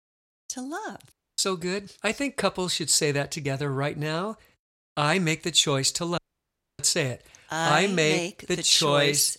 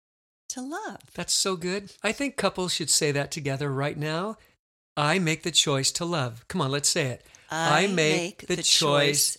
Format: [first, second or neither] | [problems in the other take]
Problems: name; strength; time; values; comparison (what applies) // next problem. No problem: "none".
second | audio cutting out; at 1 s and at 6 s for 0.5 s